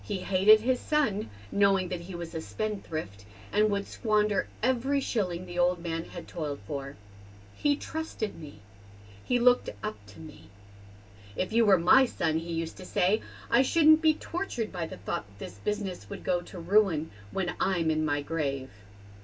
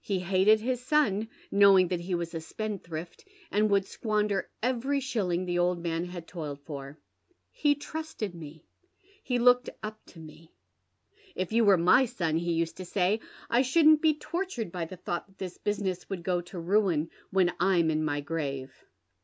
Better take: second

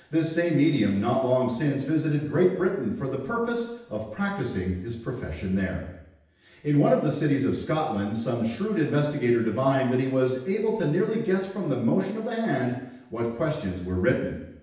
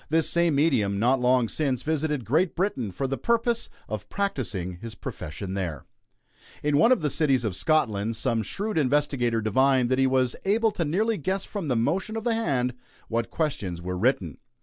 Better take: second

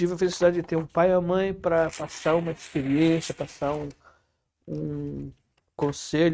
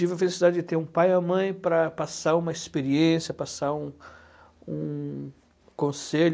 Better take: second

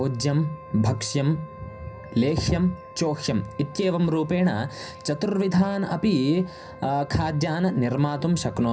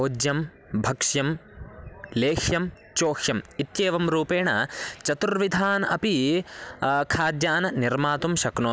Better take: second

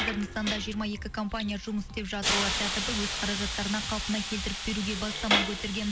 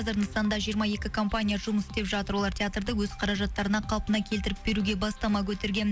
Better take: second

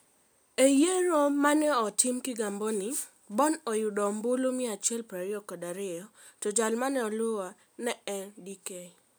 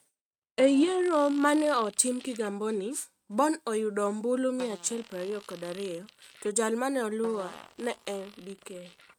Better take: first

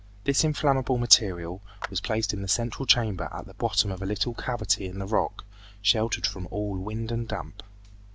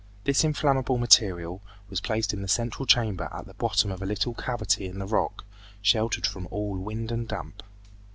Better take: second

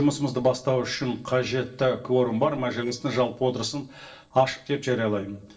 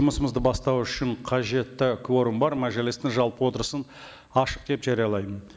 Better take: second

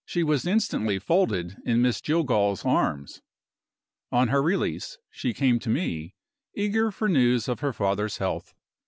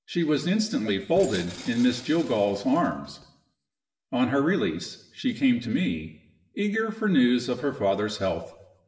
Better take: first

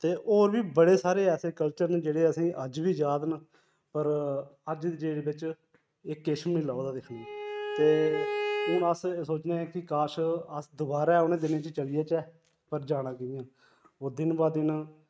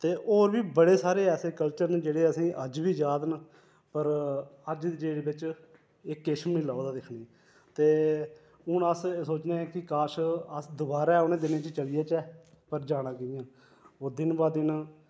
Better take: second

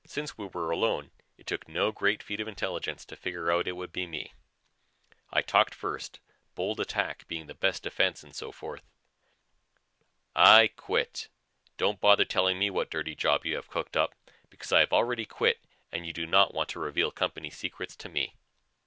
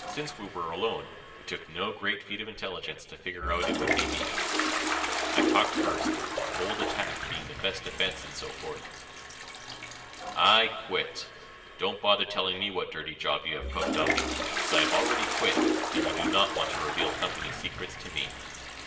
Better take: first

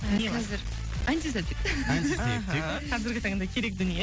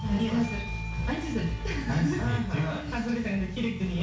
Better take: first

